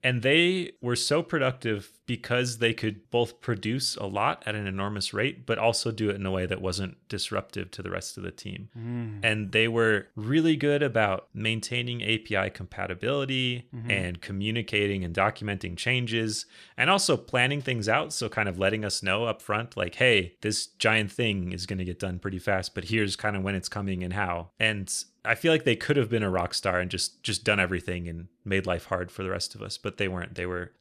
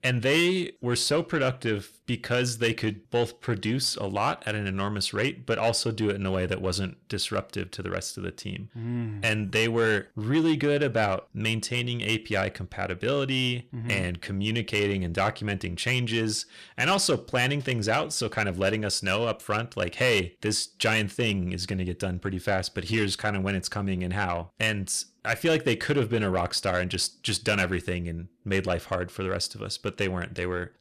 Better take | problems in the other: first | distortion; slight; 10 dB below the speech

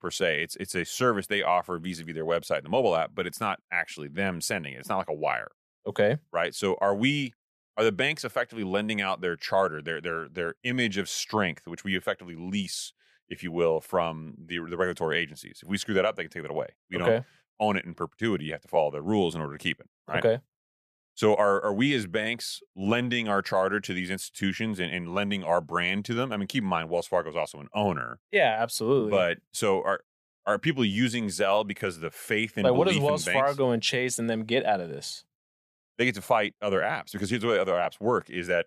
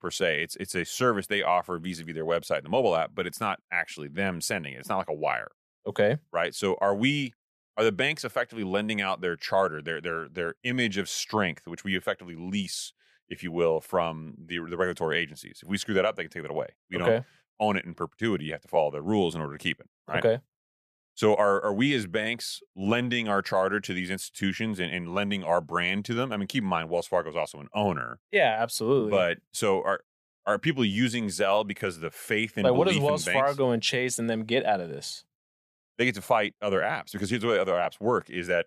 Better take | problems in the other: neither | none

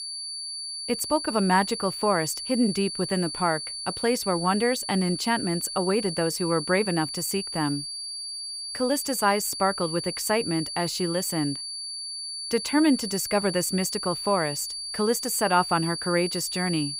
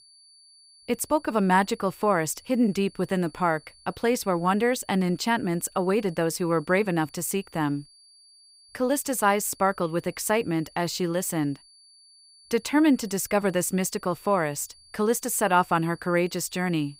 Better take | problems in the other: second | high-pitched whine; loud; throughout; 4.5 kHz, 5 dB below the speech; faint in the second

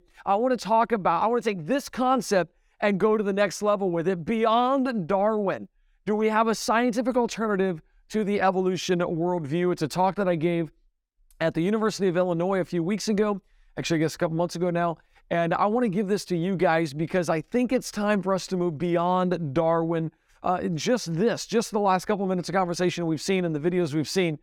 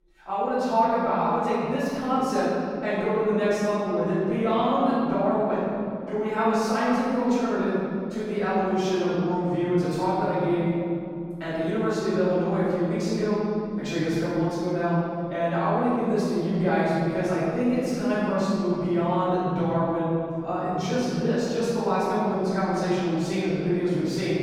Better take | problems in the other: first | room echo; strong; dies away in 2.8 s // off-mic speech; far

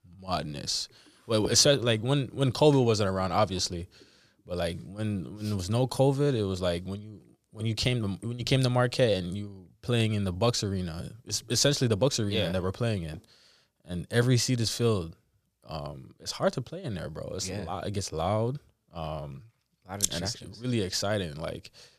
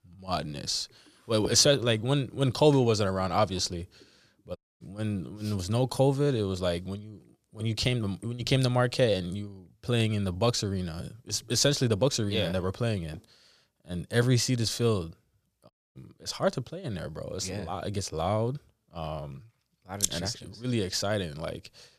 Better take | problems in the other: first | audio cutting out; at 4.5 s and at 16 s

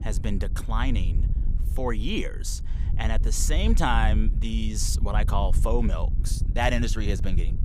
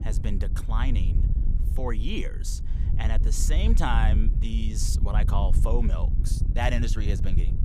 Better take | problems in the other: first | wind noise on the microphone; heavy; 10 dB below the speech; occasional gusts in the first

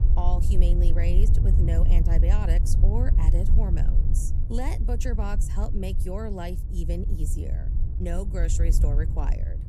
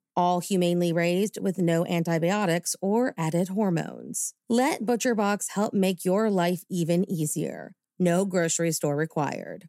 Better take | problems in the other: second | wind noise on the microphone; heavy; 6 dB below the speech

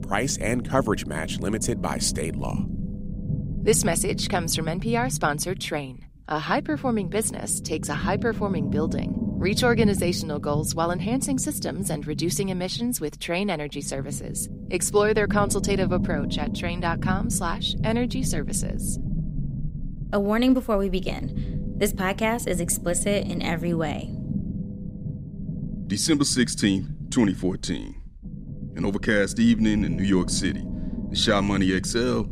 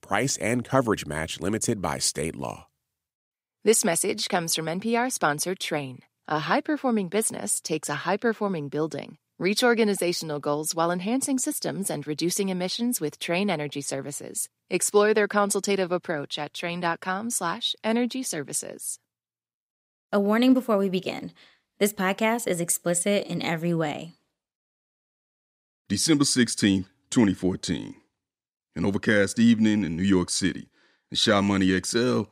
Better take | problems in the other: second | low rumble; noticeable; throughout; 15 dB below the speech

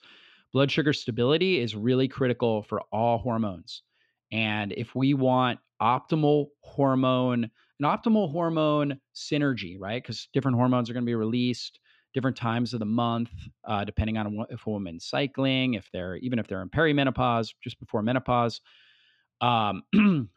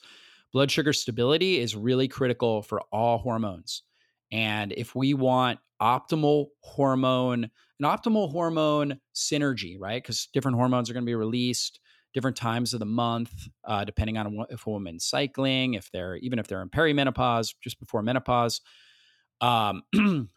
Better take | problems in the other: second | muffled; very slightly; fading above 3 kHz

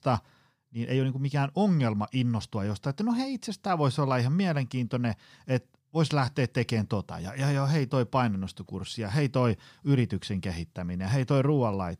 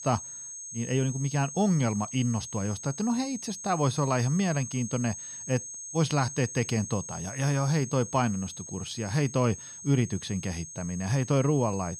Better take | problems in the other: first | high-pitched whine; loud; throughout; 6.5 kHz, 10 dB below the speech

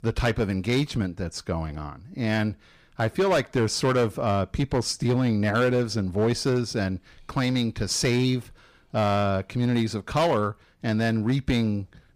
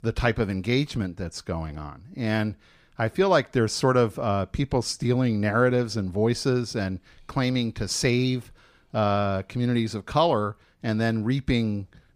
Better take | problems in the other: second | distortion; slight; 7% of the sound clipped

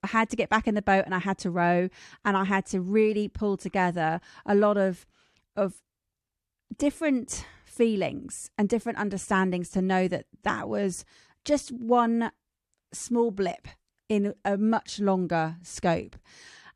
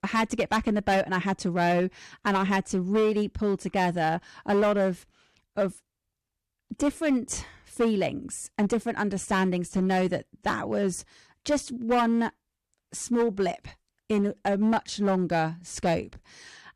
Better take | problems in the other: first | distortion; slight; 6% of the sound clipped

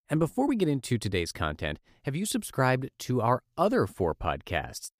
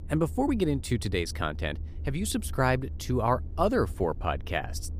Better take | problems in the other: first | low rumble; faint; throughout; 25 dB below the speech

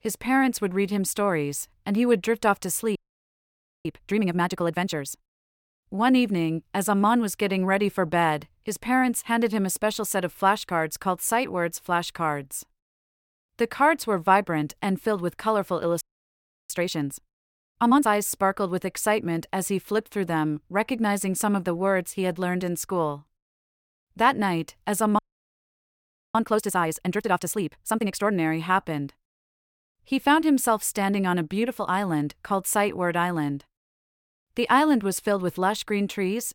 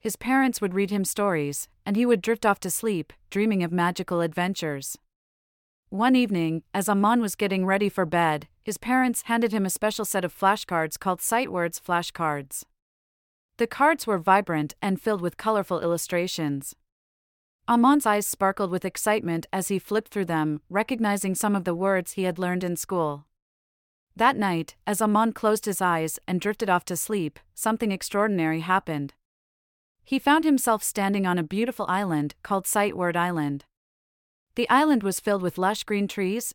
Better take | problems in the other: second | audio freezing; at 3 s for 1 s, at 16 s for 0.5 s and at 25 s for 1 s

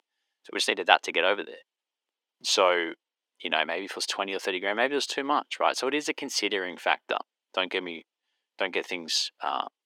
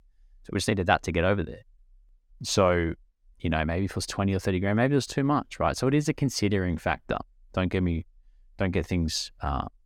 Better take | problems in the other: second | thin; very; fading below 350 Hz

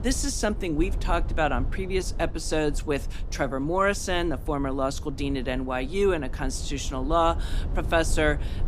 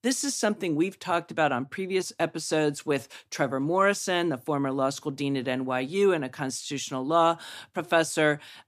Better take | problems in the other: second | low rumble; faint; throughout; 20 dB below the speech

